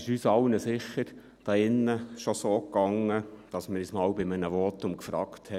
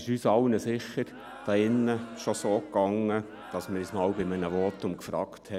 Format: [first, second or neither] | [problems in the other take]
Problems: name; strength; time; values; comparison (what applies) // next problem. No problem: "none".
first | background sound (Crowd); 19 dB below the speech